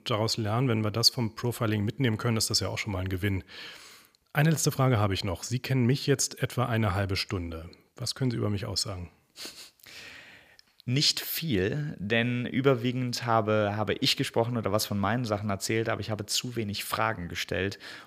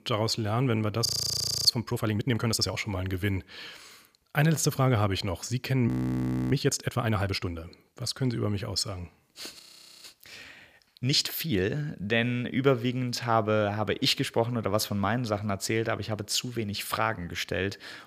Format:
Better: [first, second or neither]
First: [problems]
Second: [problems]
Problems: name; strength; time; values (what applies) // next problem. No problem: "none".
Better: first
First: none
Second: audio freezing; at 1 s for 0.5 s, at 6 s for 0.5 s and at 9.5 s